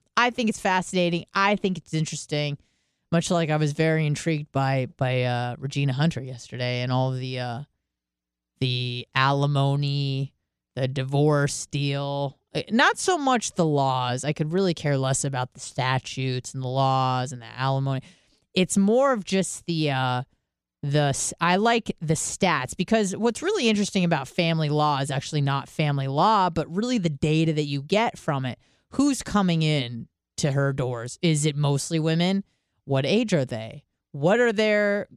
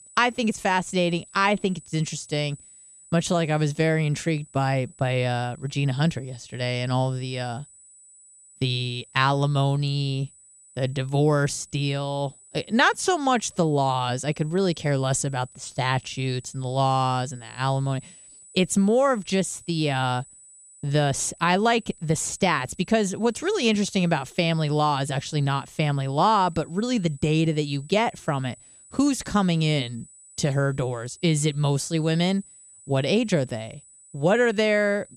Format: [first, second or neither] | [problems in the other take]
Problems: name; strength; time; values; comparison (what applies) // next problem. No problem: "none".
first | high-pitched whine; faint; throughout; 8 kHz, 25 dB below the speech